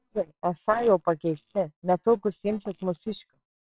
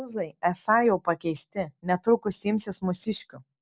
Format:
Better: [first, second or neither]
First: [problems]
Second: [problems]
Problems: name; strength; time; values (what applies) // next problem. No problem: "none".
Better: second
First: noise reduction (neural separator model SepFormer WHAMR!)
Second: none